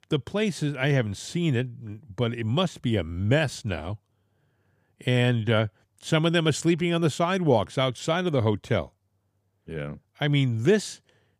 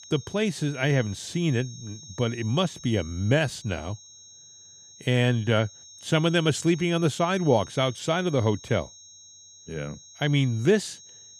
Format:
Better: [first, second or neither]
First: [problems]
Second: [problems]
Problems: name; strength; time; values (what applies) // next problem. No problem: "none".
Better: first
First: none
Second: high-pitched whine; noticeable; throughout; 6.5 kHz, 20 dB below the speech